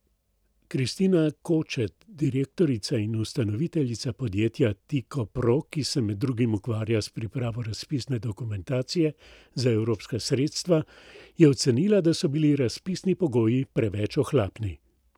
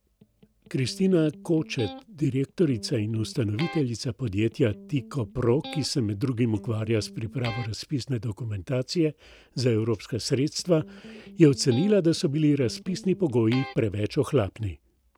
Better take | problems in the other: first | background sound (Electric guitar); 17 dB below the speech

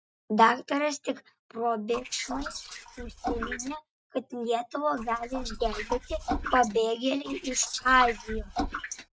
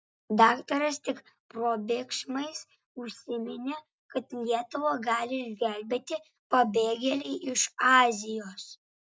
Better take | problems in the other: second | noise reduction (neural mask model RNNoise)

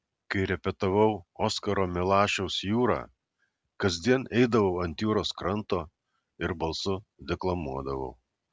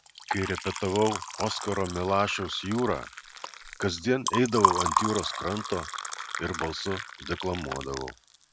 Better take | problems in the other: first | background sound (Liquid); 3 dB below the speech

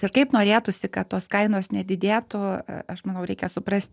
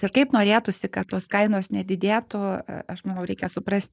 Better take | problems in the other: first | noise reduction (neural mask model Resemble Enhance denoiser)

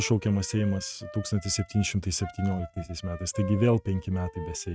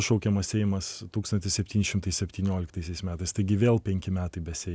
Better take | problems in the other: second | noise reduction (neural mask model RNNoise)

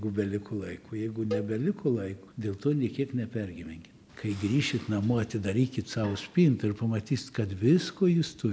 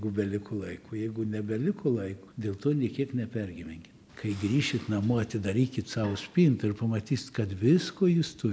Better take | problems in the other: second | background sound (Cowbell); 12 dB below the speech

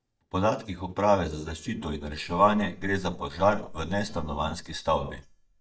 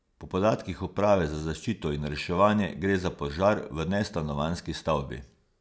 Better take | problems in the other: second | noise reduction (neural mask model DeepFilterNet 3)

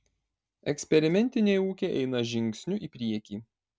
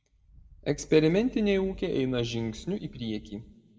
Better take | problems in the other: first | background sound (Thunder / Wind); 20 dB below the speech // room echo; dies away in 1.2 s

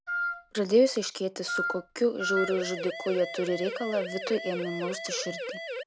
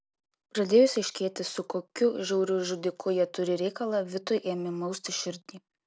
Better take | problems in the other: second | background sound (Wind instrument, woodwind instrument + Siren); 5 dB below the speech

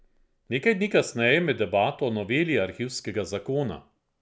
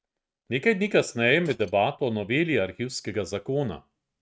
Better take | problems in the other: first | noise reduction (neural mask model RNNoise)

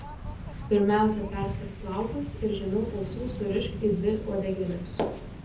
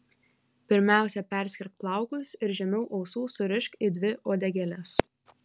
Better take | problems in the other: second | background sound (Waves, surf); 8 dB below the speech // room echo; dies away in 0.7 s

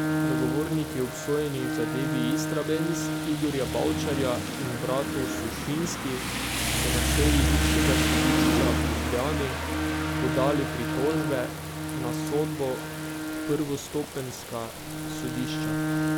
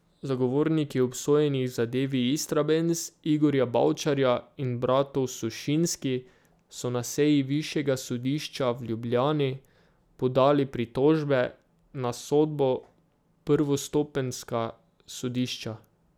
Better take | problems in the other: second | background sound (Rain + Bowed string instrument); 3 dB above the speech

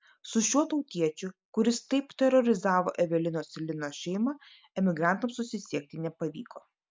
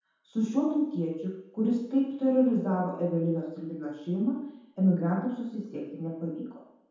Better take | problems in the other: first | room echo; dies away in 0.8 s

